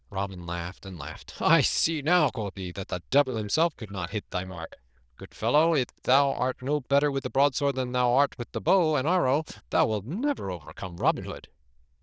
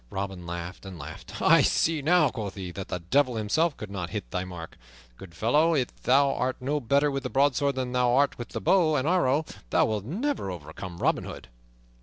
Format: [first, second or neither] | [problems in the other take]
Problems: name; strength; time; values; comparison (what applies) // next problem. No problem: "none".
second | noise reduction (neural diffusion model UNIVERSE++)